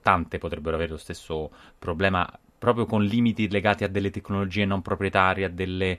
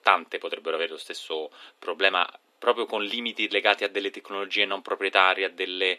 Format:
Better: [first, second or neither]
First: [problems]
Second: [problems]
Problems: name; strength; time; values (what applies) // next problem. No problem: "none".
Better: first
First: none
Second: thin; very; fading below 300 Hz